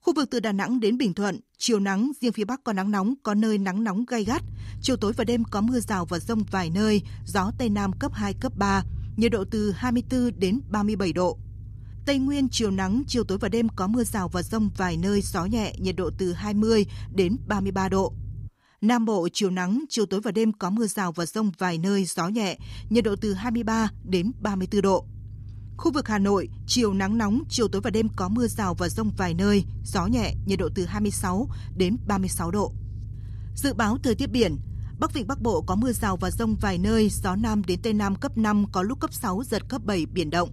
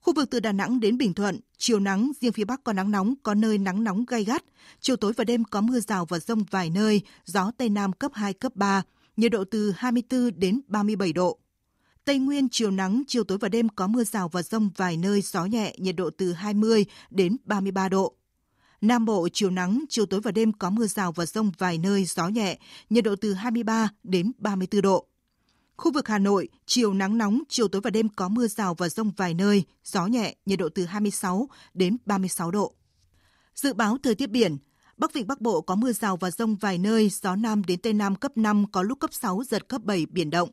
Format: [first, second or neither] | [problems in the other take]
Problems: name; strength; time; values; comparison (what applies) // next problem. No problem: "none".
second | low rumble; faint; from 4.5 to 18 s and from 23 s on; 25 dB below the speech